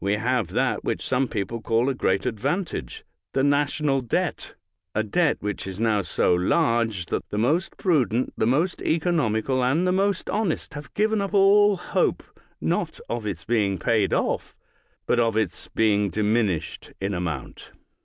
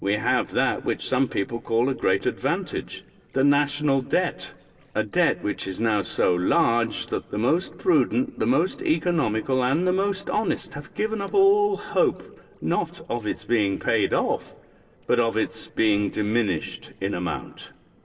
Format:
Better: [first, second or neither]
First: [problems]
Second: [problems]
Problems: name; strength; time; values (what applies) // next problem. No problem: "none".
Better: first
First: none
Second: noise reduction (neural separator model SepFormer DNS4)